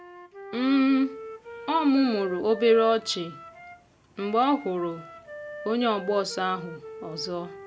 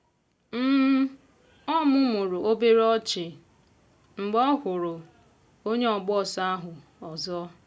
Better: second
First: background sound (Wind instrument, woodwind instrument); 15 dB below the speech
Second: none

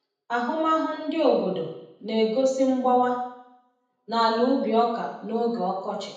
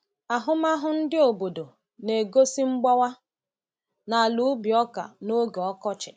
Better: second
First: room echo; dies away in 0.9 s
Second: none

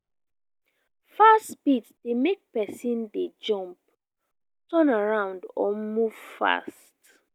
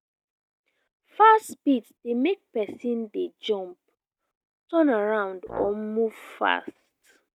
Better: first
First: none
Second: noise reduction (neural mask model RNNoise)

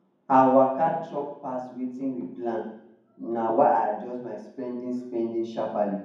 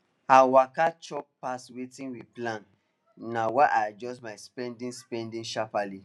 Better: second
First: room echo; dies away in 1.2 s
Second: none

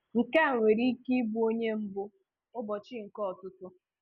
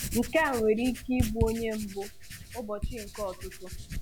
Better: first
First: none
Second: background sound (Writing); 5 dB below the speech

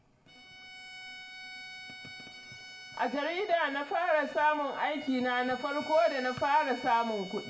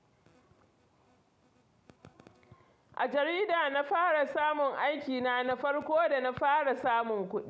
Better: second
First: background sound (Bowed string instrument); 15 dB below the speech // room echo; dies away in 0.1 s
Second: none

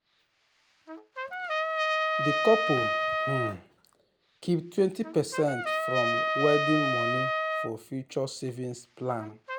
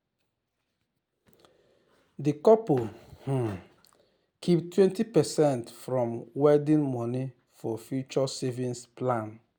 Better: second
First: background sound (Trumpet); as loud as the speech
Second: none

